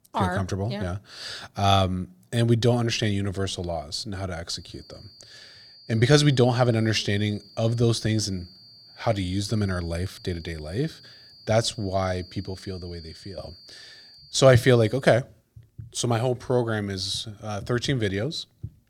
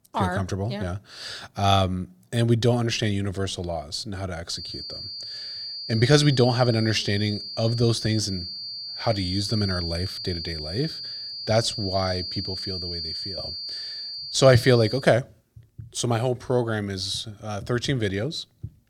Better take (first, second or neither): first